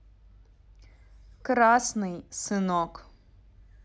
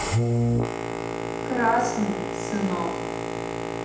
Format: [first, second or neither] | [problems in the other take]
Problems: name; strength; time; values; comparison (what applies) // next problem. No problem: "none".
first | background sound (Boat, Water vehicle); 3 dB above the speech // room echo; dies away in 0.8 s